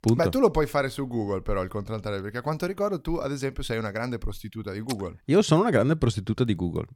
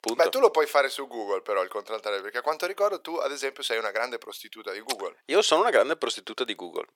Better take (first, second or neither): first